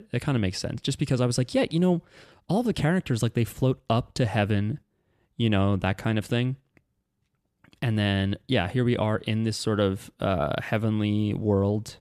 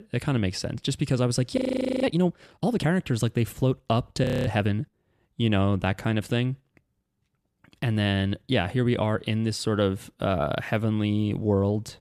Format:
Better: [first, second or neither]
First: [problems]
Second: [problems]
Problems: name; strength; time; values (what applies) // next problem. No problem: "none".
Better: first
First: none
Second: audio freezing; at 1.5 s and at 4 s